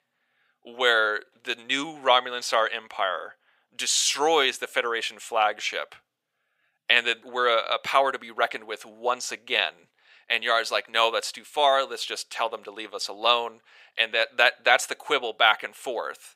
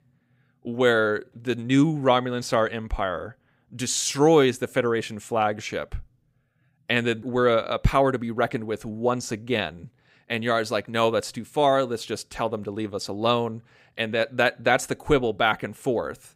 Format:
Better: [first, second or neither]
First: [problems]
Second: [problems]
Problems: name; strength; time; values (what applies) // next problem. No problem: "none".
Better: second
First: thin; very; fading below 750 Hz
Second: none